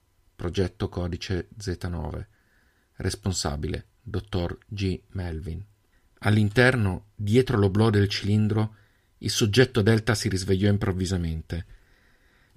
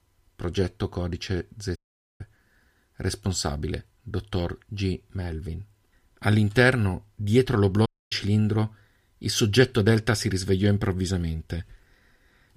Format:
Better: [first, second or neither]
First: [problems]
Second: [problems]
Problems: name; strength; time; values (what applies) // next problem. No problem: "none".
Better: first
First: none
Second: audio cutting out; at 2 s and at 8 s